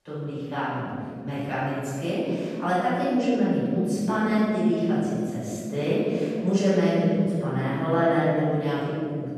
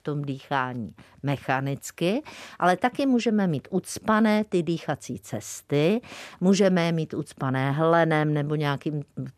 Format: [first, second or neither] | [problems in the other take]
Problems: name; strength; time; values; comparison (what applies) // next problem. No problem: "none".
second | off-mic speech; far // room echo; strong; dies away in 2.4 s